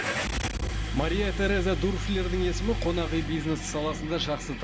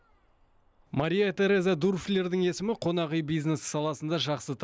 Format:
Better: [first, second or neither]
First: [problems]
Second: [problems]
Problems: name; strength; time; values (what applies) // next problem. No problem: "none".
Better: second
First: background sound (Engine starting / Car); 1 dB below the speech // room echo; dies away in 1.3 s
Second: none